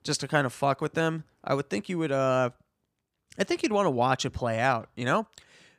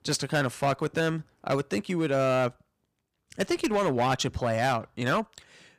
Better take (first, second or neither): first